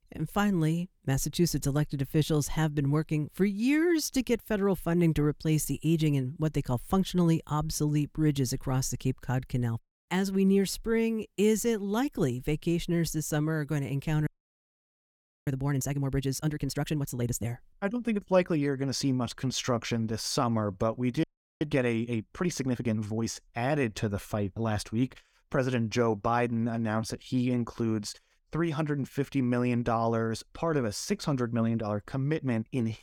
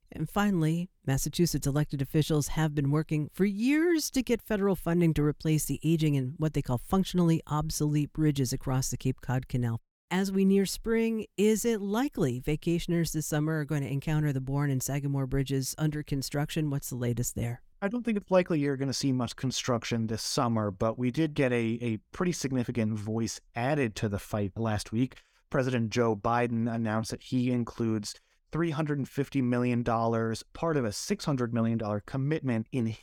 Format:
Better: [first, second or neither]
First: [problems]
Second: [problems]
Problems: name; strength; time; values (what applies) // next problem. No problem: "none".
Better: second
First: audio freezing; at 14 s for 1 s and at 21 s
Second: none